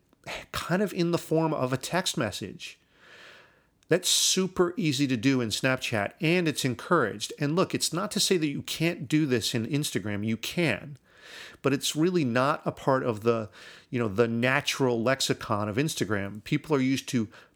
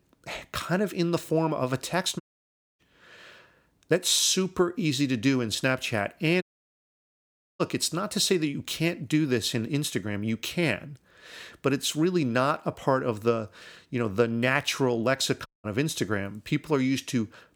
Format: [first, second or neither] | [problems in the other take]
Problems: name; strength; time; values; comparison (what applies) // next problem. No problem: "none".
first | audio cutting out; at 2 s for 0.5 s, at 6.5 s for 1 s and at 15 s